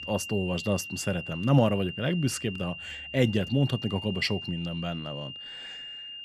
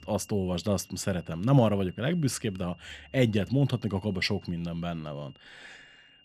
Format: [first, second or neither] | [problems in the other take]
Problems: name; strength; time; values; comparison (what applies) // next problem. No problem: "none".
second | high-pitched whine; loud; throughout; 3 kHz, 10 dB below the speech; faint in the second